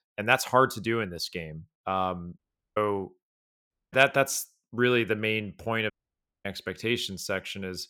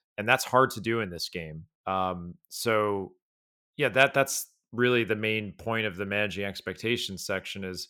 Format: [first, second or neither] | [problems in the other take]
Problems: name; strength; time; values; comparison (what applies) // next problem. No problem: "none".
second | audio cutting out; at 2.5 s, at 3.5 s and at 6 s for 0.5 s